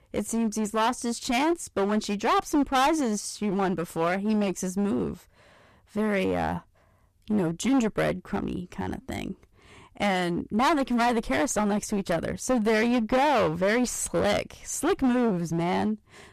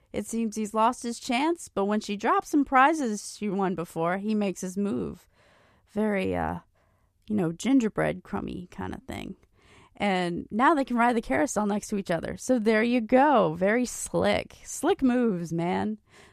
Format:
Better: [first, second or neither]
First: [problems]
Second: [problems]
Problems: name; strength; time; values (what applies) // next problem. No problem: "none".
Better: second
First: distortion; heavy; 13% of the sound clipped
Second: none